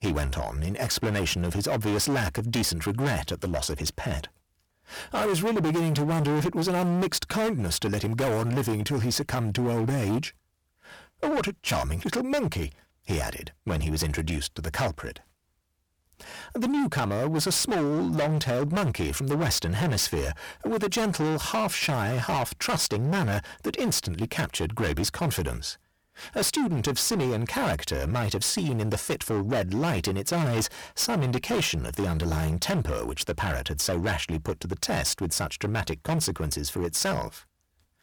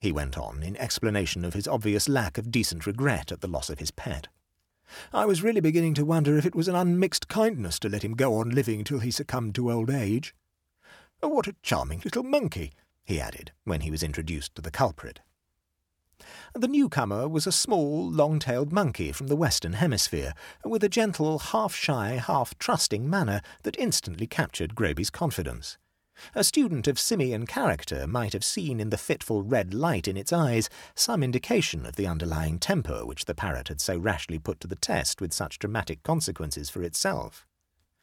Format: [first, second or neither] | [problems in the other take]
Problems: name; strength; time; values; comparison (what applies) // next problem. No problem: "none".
second | distortion; heavy; 21% of the sound clipped